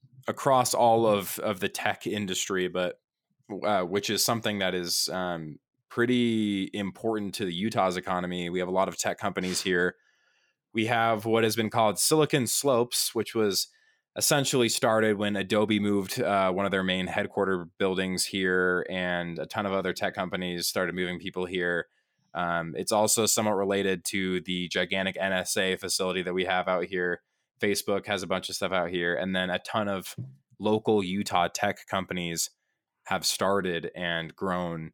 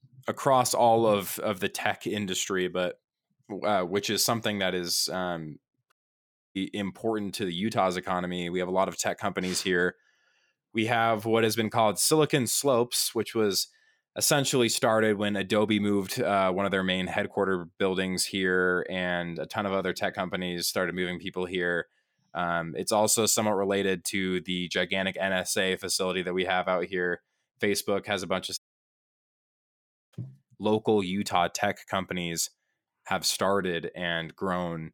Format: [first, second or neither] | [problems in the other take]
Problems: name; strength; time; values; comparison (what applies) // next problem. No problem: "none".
first | audio cutting out; at 6 s for 0.5 s and at 29 s for 1.5 s